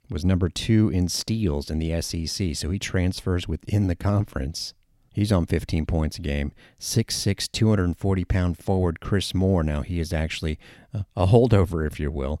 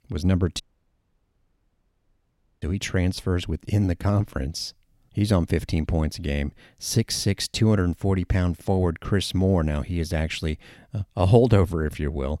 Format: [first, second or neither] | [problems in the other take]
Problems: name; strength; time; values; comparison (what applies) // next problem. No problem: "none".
first | audio cutting out; at 0.5 s for 2 s